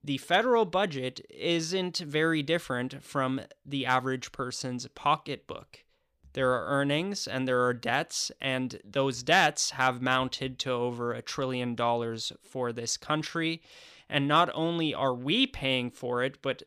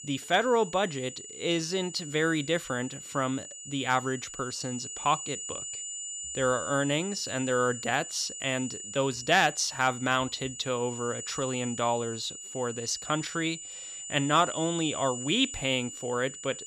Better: first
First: none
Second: high-pitched whine; loud; throughout; 7 kHz, 9 dB below the speech

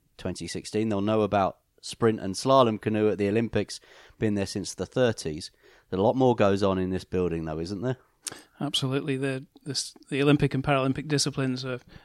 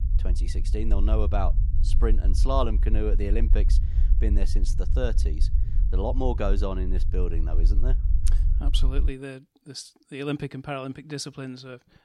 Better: first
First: none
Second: low rumble; noticeable; until 9 s; 15 dB below the speech

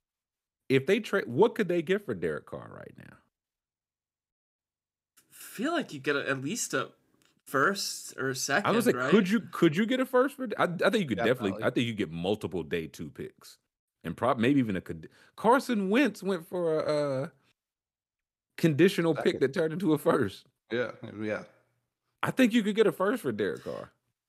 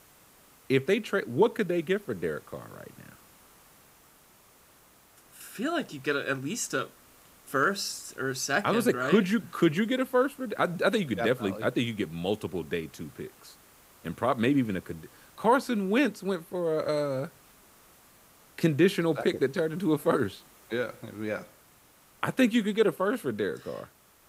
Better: first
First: none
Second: hiss; faint; throughout; 25 dB below the speech

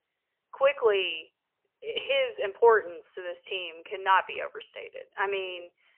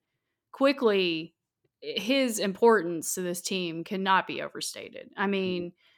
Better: second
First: phone-call audio; poor line; nothing above 3 kHz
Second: none

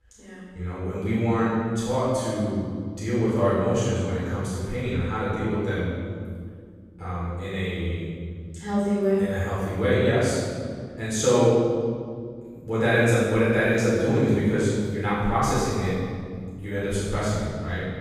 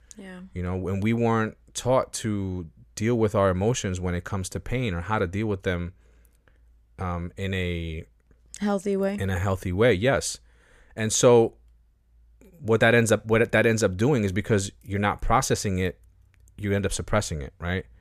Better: second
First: off-mic speech; far // room echo; strong; dies away in 2 s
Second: none

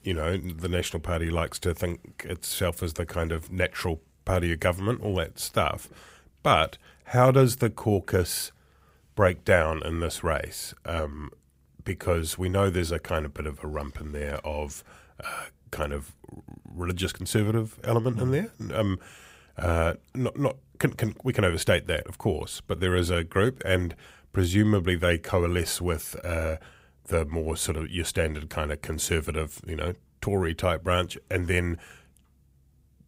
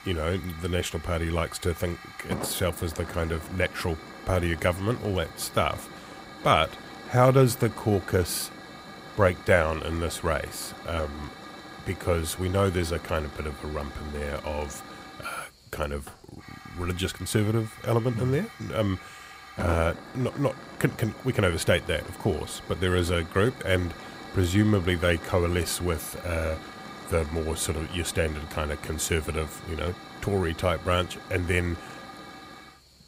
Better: first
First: none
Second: hiss; noticeable; throughout; 15 dB below the speech

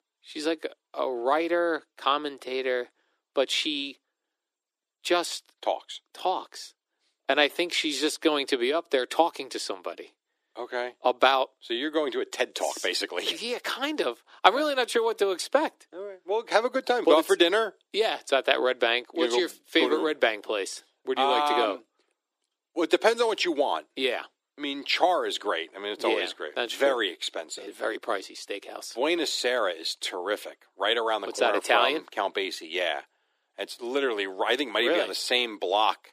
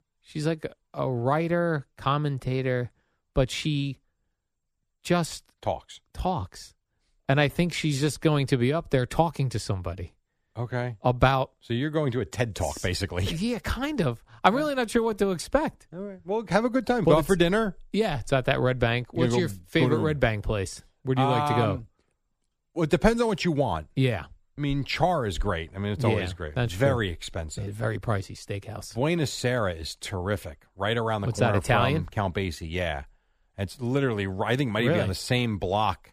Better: second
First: thin; very; fading below 300 Hz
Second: none

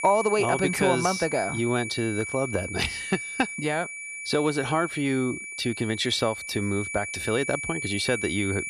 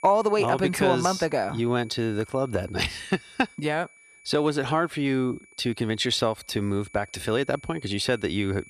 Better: second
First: high-pitched whine; loud; throughout; 2.5 kHz, 6 dB below the speech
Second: high-pitched whine; faint; throughout; 2.5 kHz, 25 dB below the speech

